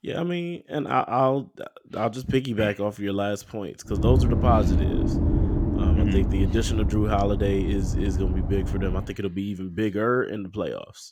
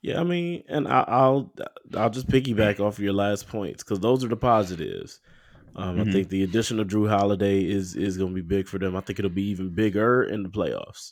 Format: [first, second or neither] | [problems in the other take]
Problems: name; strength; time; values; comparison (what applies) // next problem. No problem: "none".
second | low rumble; loud; from 4 to 9 s; 7 dB below the speech